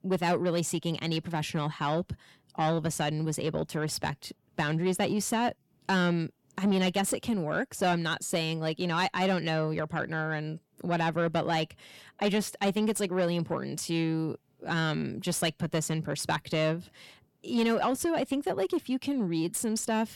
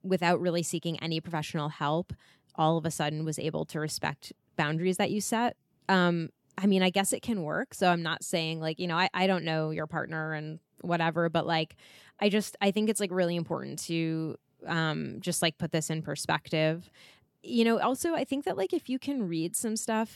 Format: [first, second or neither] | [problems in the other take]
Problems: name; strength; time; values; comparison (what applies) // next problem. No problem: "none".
second | distortion; slight; 10 dB below the speech